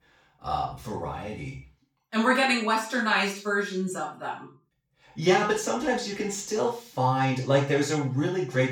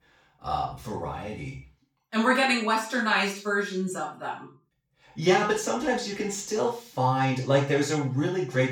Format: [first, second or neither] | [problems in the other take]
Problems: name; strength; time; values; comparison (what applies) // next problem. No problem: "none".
neither | room echo; noticeable; dies away in 0.3 s; the same in both // off-mic speech; far; the same in both